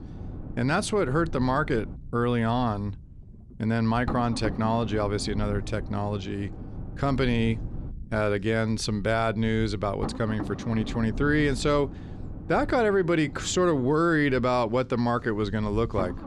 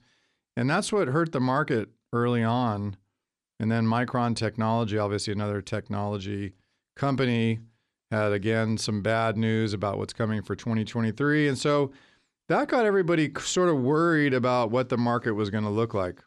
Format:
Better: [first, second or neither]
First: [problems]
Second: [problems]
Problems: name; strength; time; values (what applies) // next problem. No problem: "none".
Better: second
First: low rumble; noticeable; throughout; 15 dB below the speech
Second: none